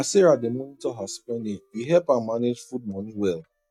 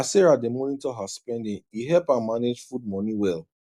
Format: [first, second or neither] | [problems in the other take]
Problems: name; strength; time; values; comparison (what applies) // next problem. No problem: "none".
second | noise reduction (neural mask model DeepFilterNet 3)